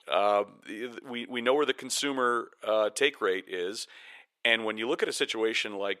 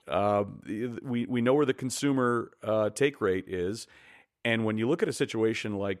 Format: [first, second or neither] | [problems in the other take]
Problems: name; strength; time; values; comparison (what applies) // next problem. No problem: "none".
second | thin; somewhat; fading below 450 Hz